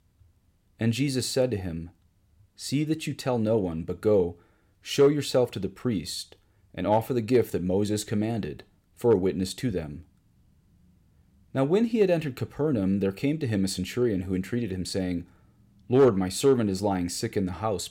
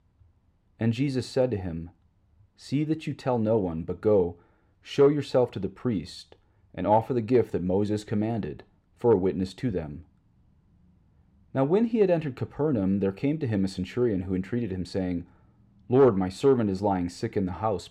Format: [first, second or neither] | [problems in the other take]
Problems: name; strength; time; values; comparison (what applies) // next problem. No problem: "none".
first | muffled; slightly; fading above 2 kHz